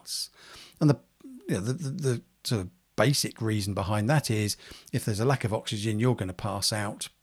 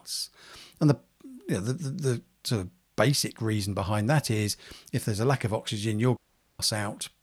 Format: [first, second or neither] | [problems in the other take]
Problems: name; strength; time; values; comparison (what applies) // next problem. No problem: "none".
first | audio cutting out; at 6 s